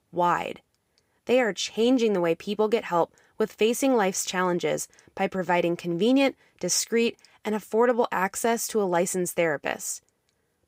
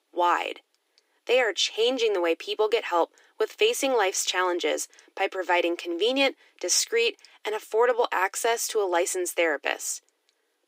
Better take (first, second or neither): first